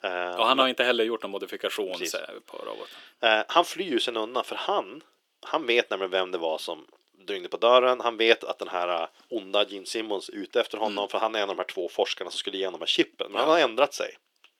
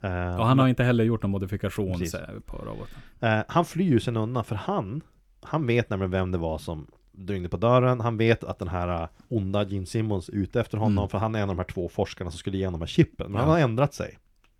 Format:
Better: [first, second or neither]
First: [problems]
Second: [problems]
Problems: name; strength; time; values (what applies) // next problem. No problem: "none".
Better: second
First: thin; very; fading below 350 Hz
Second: none